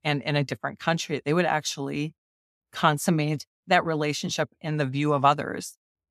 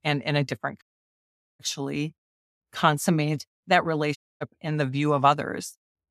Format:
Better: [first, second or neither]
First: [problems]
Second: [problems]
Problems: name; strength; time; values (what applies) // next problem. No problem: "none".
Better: first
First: none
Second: audio cutting out; at 1 s for 1 s and at 4 s